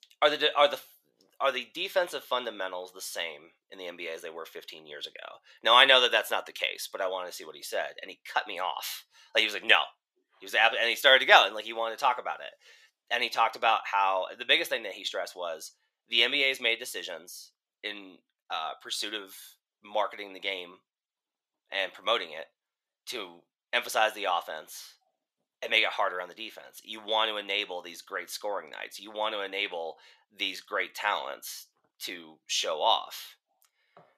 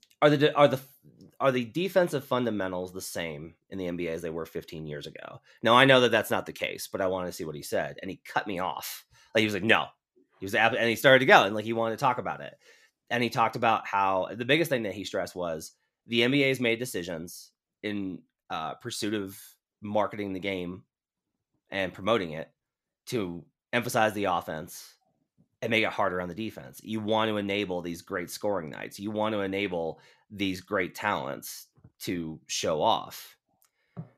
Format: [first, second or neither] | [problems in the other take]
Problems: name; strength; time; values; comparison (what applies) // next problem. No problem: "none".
second | thin; very; fading below 700 Hz